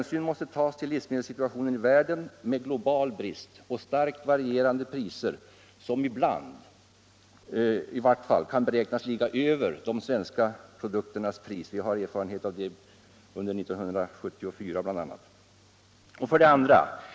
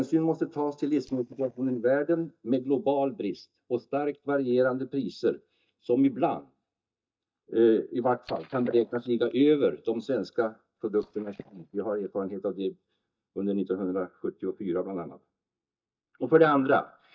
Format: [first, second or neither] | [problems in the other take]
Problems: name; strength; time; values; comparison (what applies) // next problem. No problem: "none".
first | noise reduction (neural mask model DeepFilterNet 3)